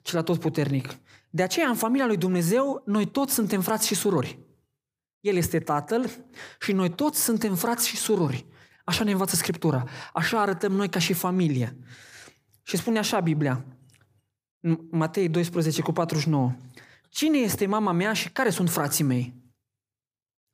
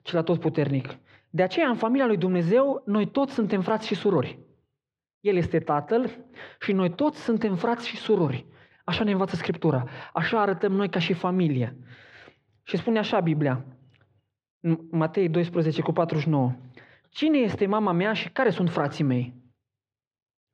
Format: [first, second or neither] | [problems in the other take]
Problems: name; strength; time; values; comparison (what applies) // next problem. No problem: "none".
first | muffled; very; fading above 3.5 kHz